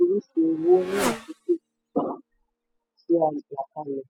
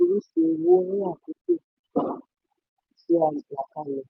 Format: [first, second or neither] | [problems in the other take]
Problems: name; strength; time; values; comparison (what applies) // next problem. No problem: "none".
second | noise reduction (classical method spectral subtraction)